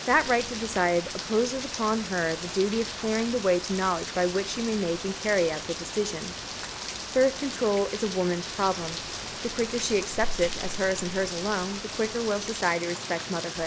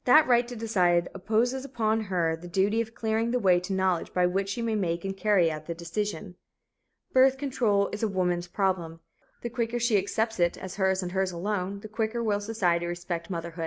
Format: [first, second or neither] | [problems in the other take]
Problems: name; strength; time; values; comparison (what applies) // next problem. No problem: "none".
second | background sound (Rain); 7 dB below the speech